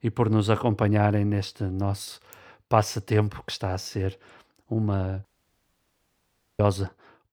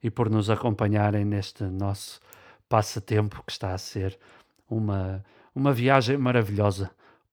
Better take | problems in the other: second | audio cutting out; at 5.5 s for 1.5 s

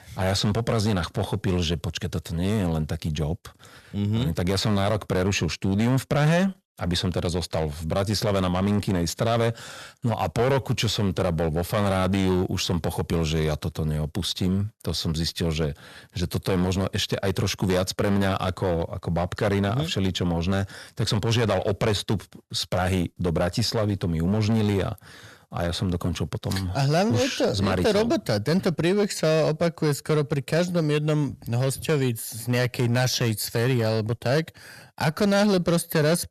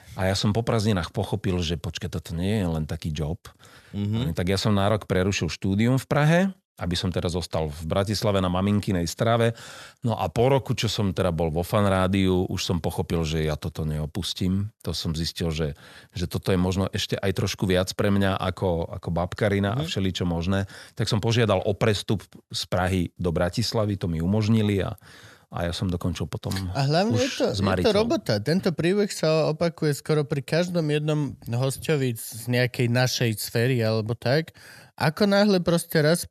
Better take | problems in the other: second | distortion; slight; 9% of the sound clipped

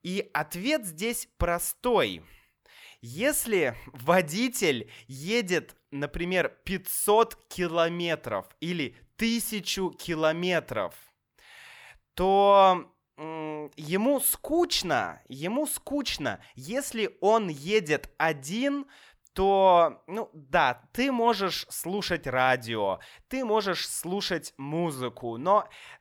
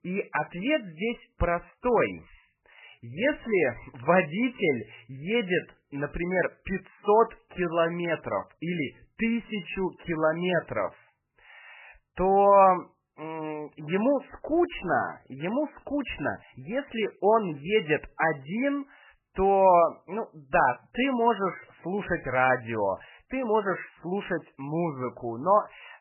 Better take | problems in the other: first | garbled, watery; badly; nothing above 3 kHz

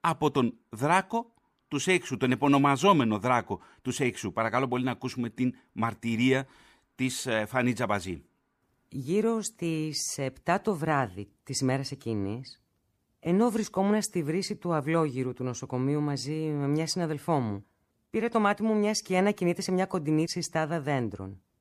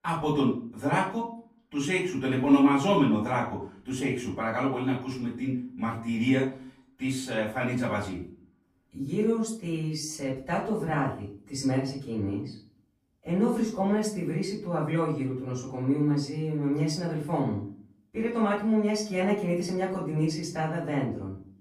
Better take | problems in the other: first | room echo; slight; dies away in 0.4 s // off-mic speech; far

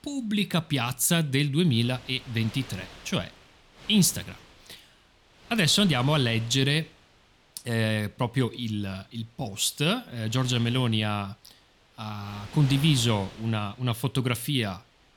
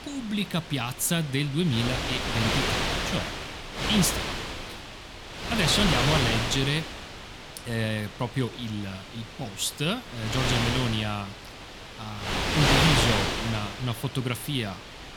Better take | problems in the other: first | wind noise on the microphone; heavy; 4 dB above the speech; occasional gusts in the first

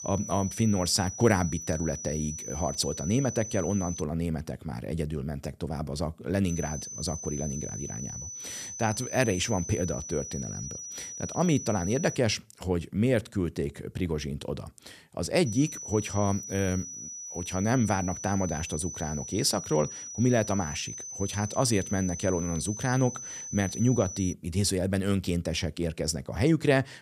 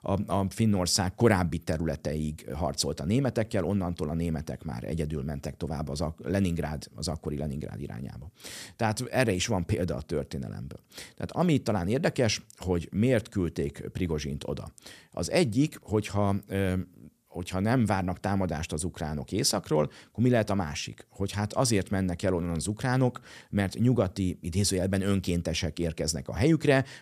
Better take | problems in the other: second | high-pitched whine; loud; until 4 s, from 6.5 to 12 s and from 15 to 24 s; 6 kHz, 8 dB below the speech

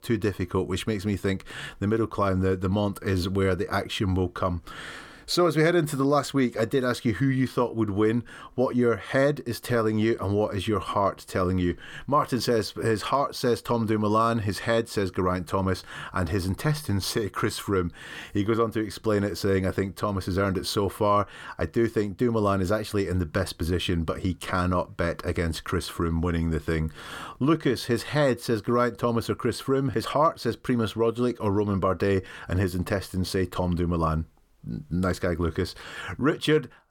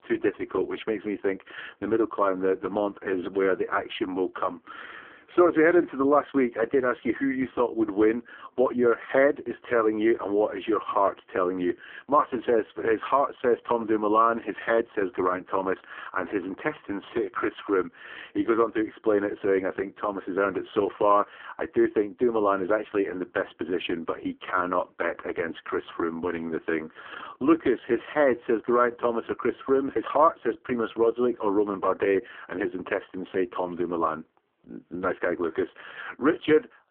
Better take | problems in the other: first | phone-call audio; poor line

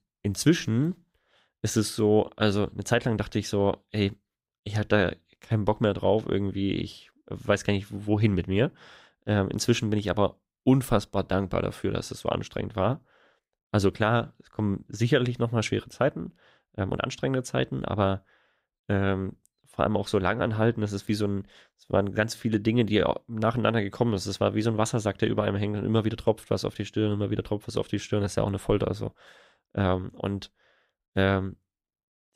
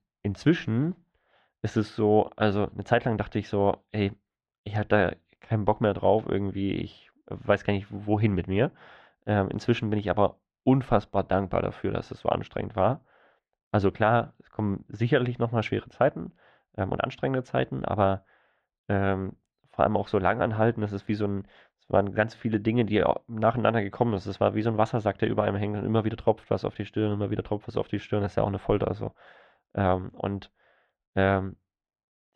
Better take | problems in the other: first | muffled; very; fading above 2.5 kHz

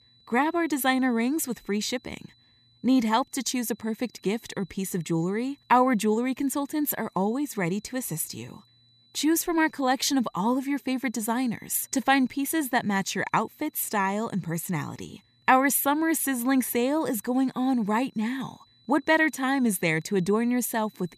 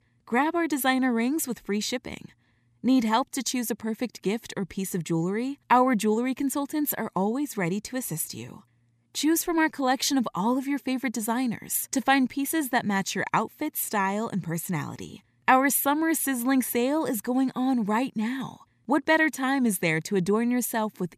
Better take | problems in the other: second | high-pitched whine; faint; throughout; 4 kHz, 35 dB below the speech

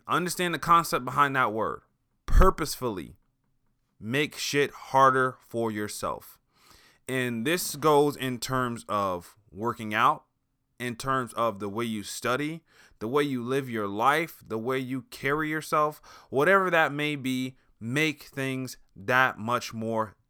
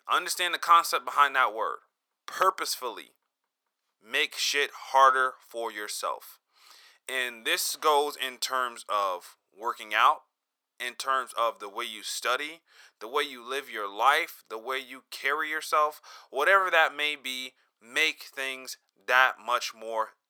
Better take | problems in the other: first | thin; very; fading below 550 Hz

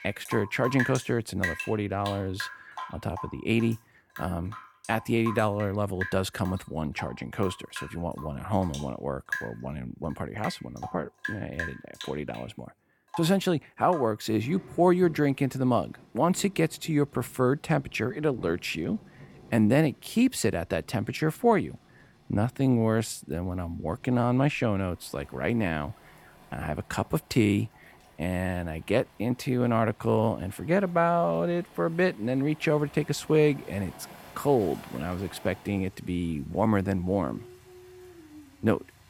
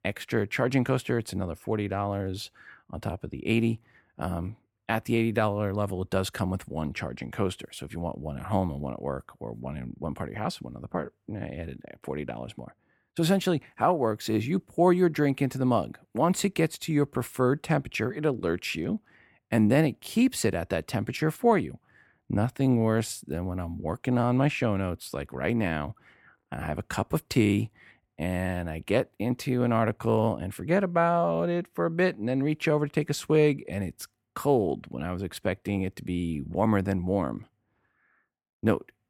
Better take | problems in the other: second | rain or running water; noticeable; throughout; 15 dB below the speech

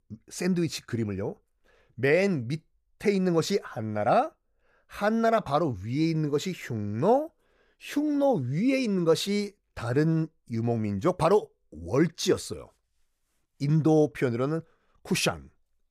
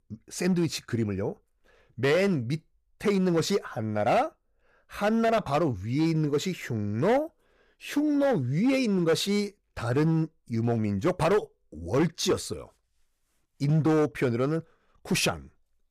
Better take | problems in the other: first | distortion; slight; 6% of the sound clipped

